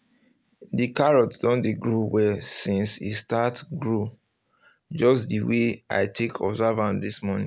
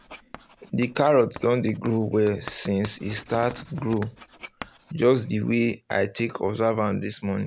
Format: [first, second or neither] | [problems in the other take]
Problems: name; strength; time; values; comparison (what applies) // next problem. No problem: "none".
first | background sound (Writing); 20 dB below the speech